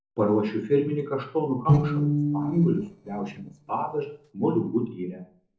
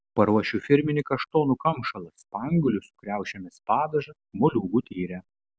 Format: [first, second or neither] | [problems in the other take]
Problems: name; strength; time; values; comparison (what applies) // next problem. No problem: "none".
second | noise reduction (neural separator model SepFormer DNS4)